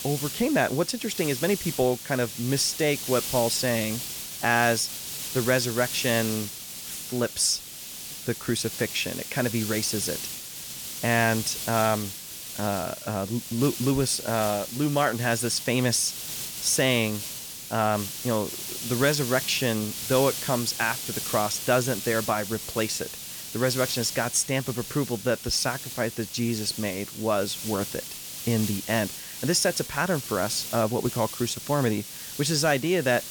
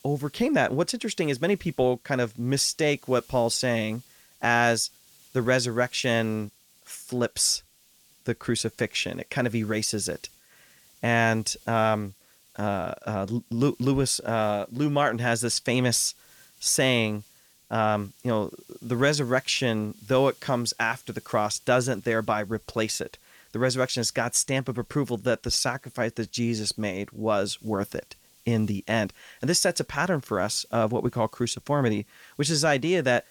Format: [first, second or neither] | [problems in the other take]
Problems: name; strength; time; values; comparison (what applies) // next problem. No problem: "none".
second | hiss; loud; throughout; 7 dB below the speech; faint in the second